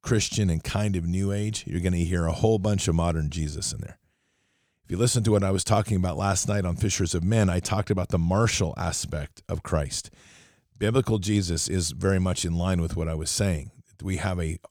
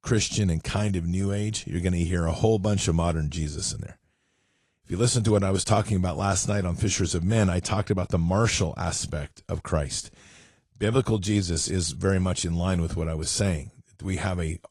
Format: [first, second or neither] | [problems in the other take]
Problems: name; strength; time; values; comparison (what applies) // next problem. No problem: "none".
first | garbled, watery; slightly